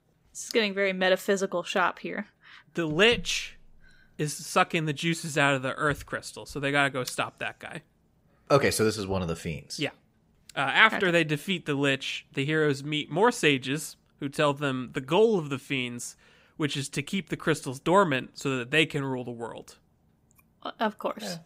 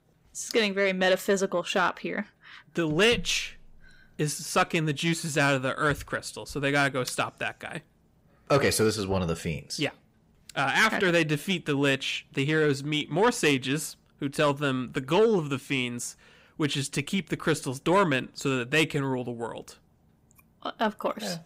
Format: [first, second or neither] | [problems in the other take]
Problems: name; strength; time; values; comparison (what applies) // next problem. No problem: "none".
first | distortion; slight; 10 dB below the speech